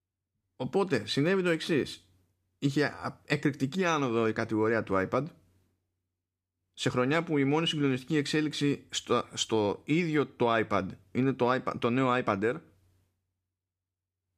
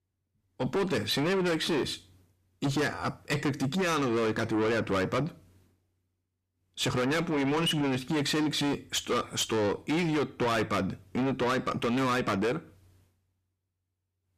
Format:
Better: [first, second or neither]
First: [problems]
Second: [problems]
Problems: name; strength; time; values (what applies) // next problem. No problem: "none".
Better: first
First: none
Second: distortion; heavy; 6 dB below the speech